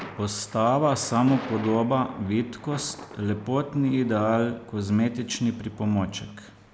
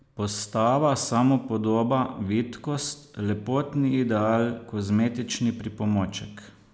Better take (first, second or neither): second